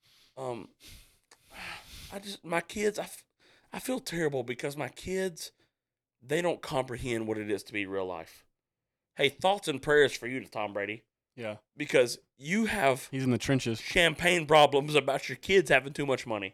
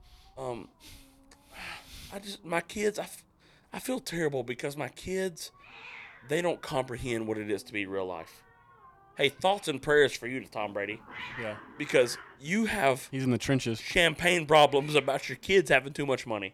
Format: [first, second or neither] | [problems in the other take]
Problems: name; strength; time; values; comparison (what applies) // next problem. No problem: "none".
first | hiss; faint; throughout; 20 dB below the speech